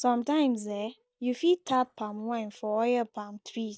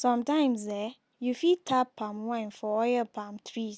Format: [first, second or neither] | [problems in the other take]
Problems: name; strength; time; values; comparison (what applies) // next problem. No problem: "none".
second | noise reduction (neural mask model DeepFilterNet 3)